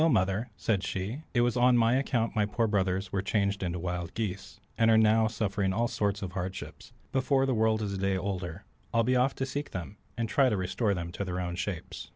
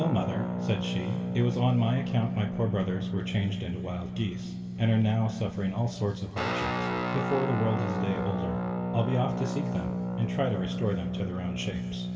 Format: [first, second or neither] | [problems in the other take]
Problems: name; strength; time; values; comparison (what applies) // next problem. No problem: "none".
first | background sound (Guitar); 2 dB below the speech // room echo; dies away in 2.3 s